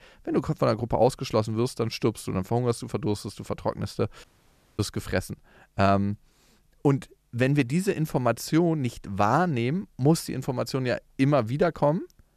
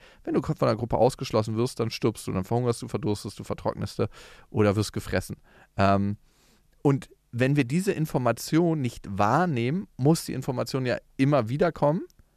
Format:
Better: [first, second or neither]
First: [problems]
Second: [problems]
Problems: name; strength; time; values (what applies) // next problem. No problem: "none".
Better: second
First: audio cutting out; at 4 s for 0.5 s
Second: none